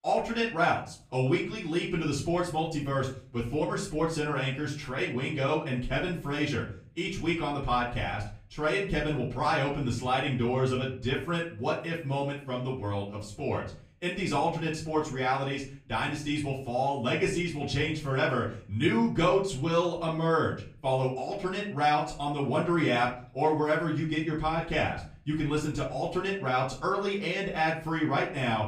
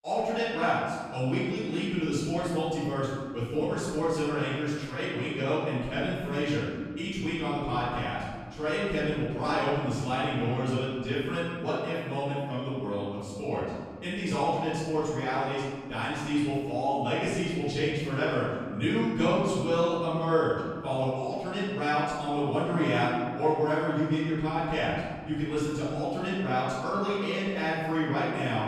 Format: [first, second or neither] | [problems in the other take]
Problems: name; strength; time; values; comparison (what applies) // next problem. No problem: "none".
first | room echo; strong; dies away in 1.7 s; slight in the first // off-mic speech; far; far in the first